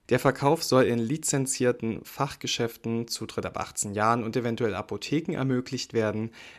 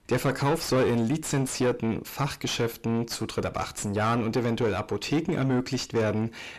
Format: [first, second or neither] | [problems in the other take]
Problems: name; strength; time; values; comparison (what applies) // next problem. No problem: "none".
first | distortion; heavy; 5 dB below the speech